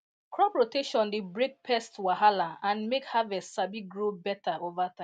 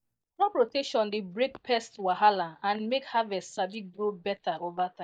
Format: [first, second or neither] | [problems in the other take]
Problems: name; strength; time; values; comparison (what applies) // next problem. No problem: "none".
first | noise reduction (neural mask model DeepFilterNet 3)